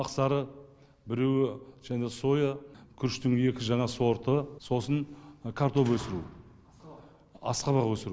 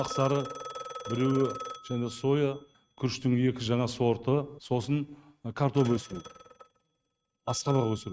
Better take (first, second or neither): first